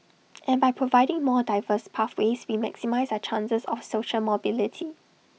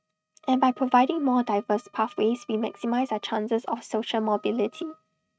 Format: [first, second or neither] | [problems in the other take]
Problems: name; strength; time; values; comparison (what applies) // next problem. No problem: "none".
first | noise reduction (neural mask model RNNoise)